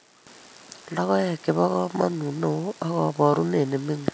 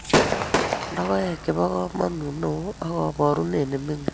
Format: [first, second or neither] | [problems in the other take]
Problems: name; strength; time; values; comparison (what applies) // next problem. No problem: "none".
first | background sound (Gunshot, gunfire / Fireworks); 2 dB below the speech